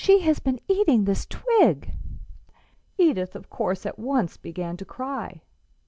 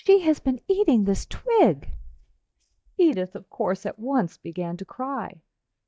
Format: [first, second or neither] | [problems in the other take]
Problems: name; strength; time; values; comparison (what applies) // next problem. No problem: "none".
first | noise reduction (neural mask model DeepFilterNet 3)